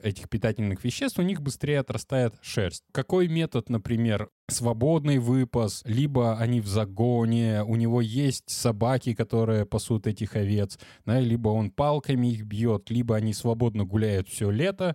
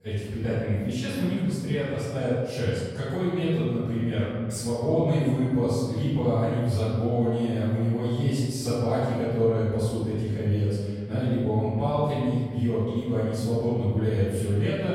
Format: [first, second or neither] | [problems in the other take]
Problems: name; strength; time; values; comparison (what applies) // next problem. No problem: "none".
first | off-mic speech; far // room echo; strong; dies away in 1.5 s